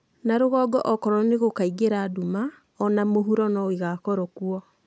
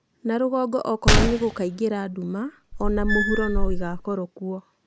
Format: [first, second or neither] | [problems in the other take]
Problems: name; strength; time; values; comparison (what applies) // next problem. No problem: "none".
first | background sound (Squeak / Screech + Gunshot, gunfire); 3 dB above the speech